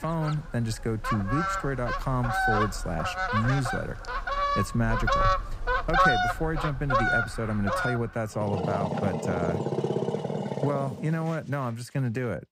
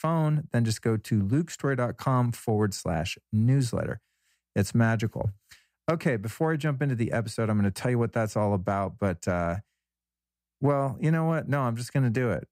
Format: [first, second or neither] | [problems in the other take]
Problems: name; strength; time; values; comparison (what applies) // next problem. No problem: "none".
second | animal sounds; very loud; throughout; 2 dB above the speech